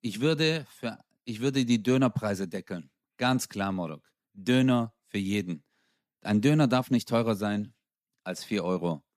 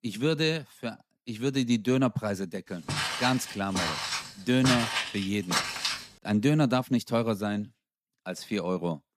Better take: first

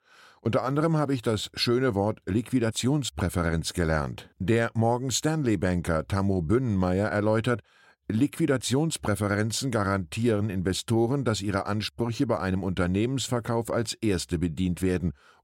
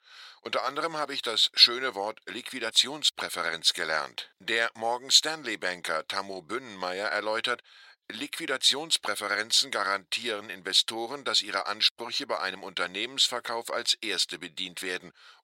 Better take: first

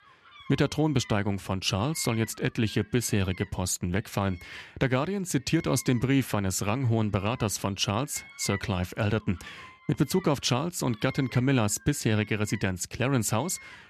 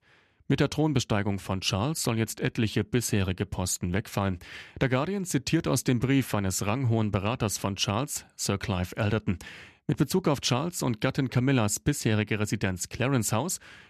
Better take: second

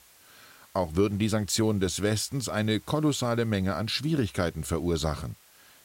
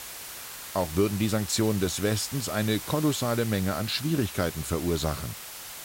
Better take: first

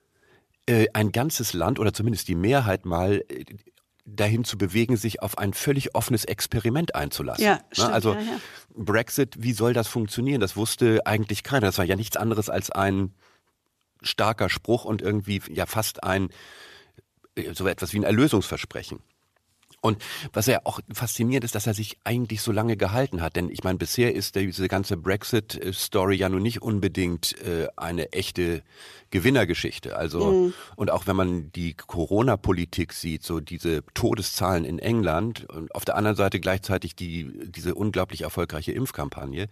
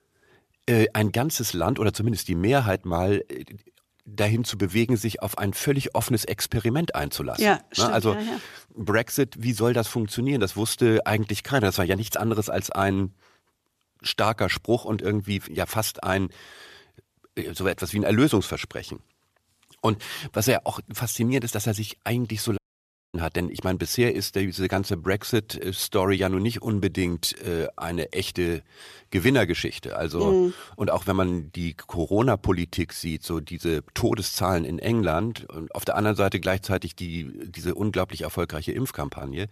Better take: first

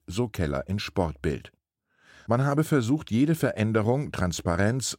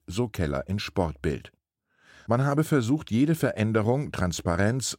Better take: neither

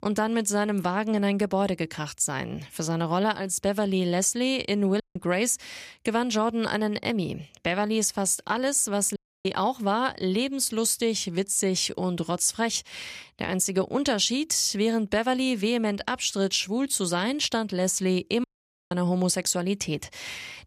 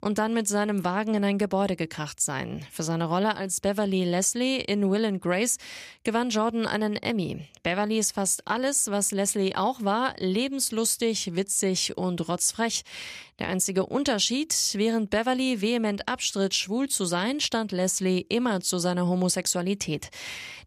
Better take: second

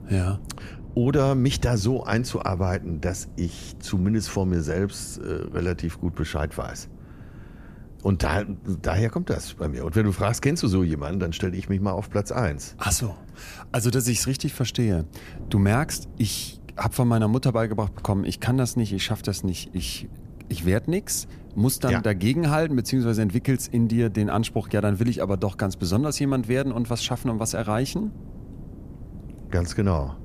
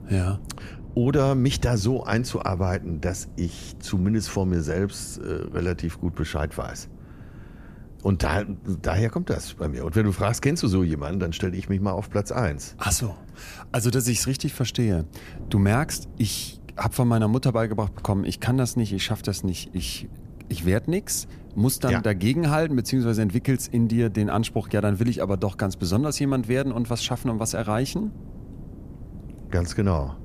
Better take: neither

